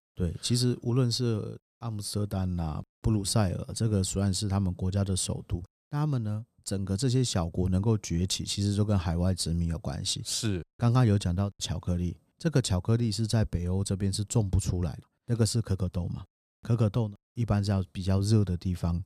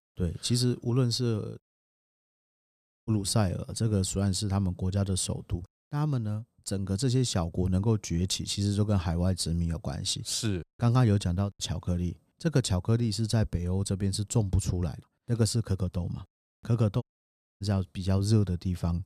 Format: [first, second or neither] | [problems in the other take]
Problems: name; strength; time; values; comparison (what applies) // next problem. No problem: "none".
first | audio cutting out; at 1.5 s for 1.5 s and at 17 s for 0.5 s